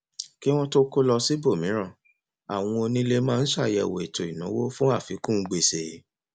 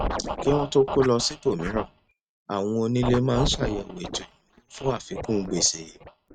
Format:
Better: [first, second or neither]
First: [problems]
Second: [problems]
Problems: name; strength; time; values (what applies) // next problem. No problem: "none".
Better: first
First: none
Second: noise reduction (neural mask model RNNoise)